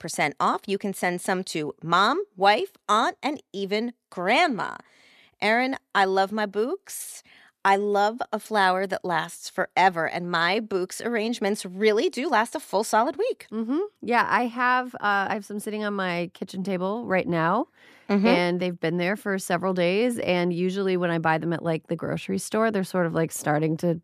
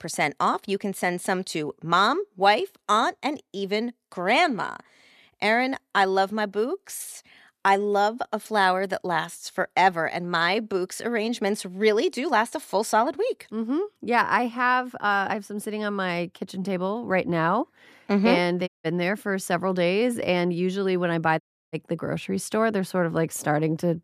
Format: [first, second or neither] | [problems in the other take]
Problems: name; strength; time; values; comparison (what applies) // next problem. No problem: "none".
first | audio cutting out; at 19 s and at 21 s